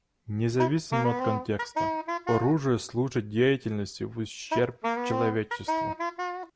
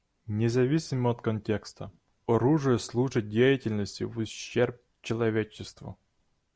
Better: second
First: background sound (Wind instrument, woodwind instrument); 2 dB below the speech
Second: none

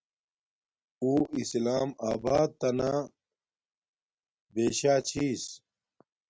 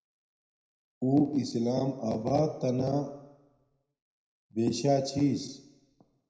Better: first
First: none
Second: room echo; dies away in 0.8 s

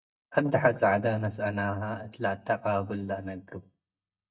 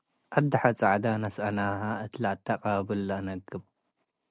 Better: second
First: noise reduction (neural mask model DeepFilterNet 3)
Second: none

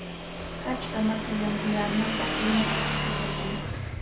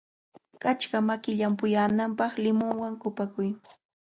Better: second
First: background sound (Motorcycle / Engine); as loud as the speech // room echo; dies away in 0.3 s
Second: none

